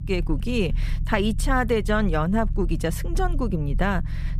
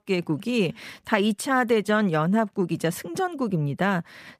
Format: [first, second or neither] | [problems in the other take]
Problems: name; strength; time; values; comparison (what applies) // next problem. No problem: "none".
second | low rumble; noticeable; throughout; 20 dB below the speech